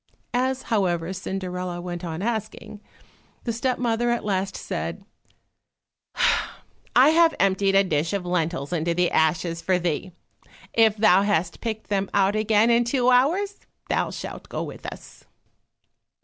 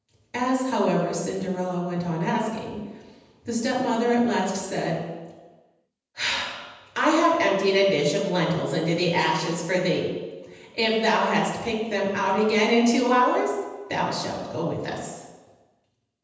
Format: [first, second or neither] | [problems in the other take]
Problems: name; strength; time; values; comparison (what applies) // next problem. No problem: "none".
first | room echo; dies away in 1.1 s